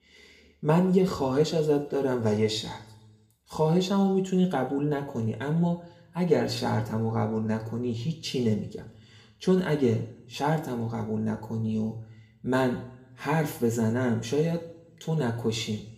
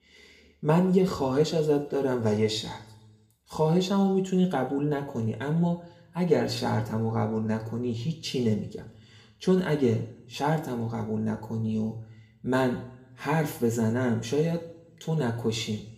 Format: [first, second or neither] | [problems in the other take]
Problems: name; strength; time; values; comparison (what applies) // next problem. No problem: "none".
neither | room echo; slight; dies away in 0.6 s; the same in both // off-mic speech; somewhat distant; the same in both